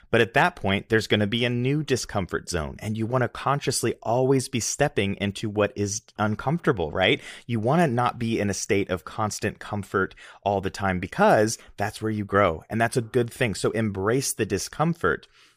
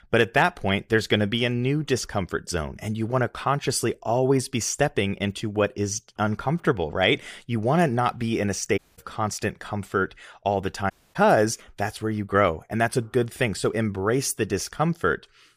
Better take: first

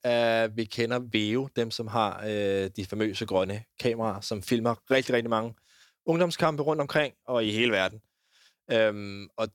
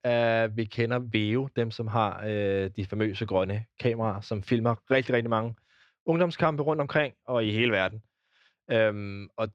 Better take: first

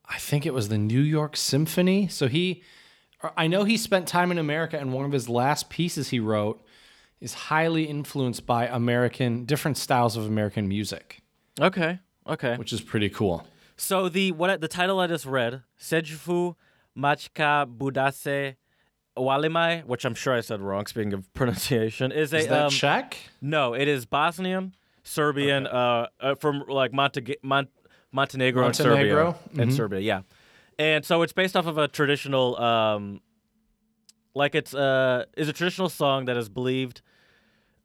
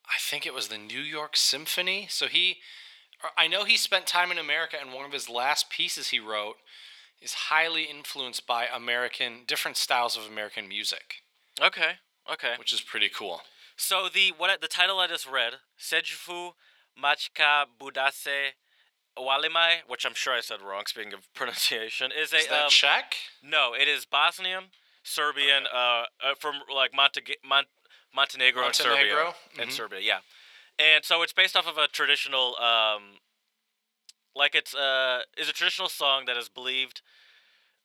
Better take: first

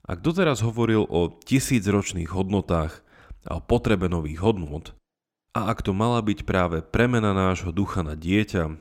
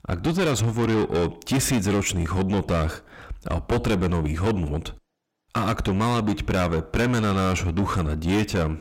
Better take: first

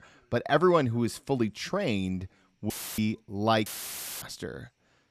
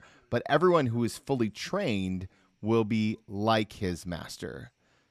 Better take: second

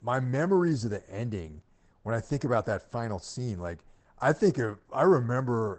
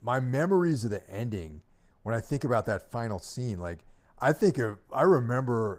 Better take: second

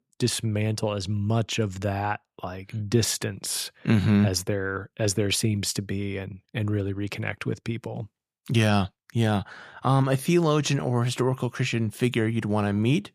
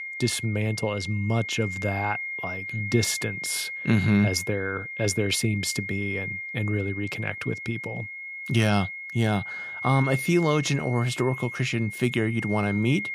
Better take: first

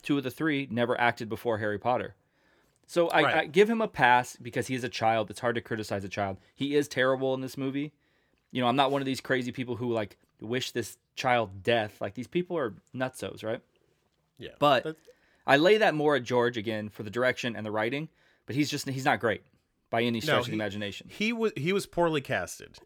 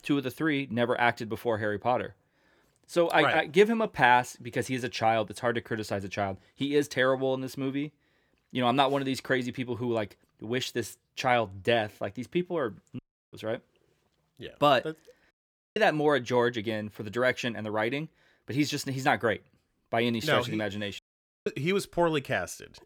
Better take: first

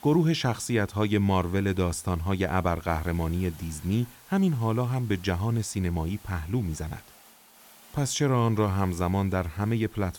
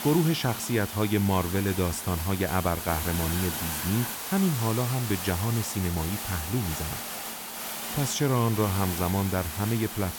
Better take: first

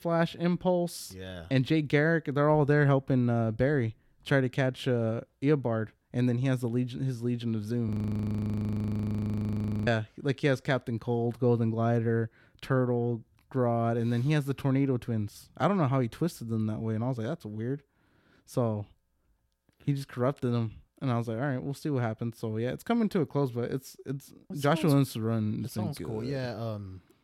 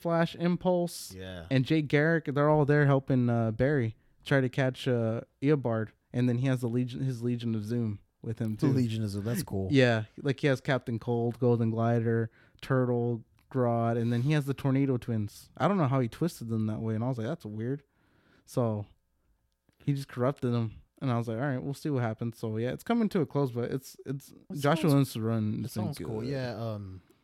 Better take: second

